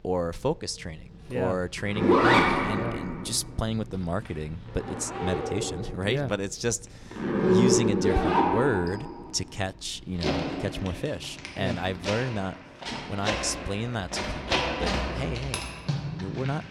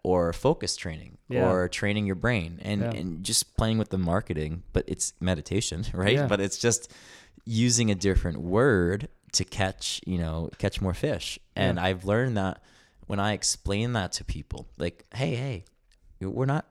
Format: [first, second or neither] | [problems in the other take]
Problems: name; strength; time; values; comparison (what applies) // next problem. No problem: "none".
second | household noises; very loud; throughout; 3 dB above the speech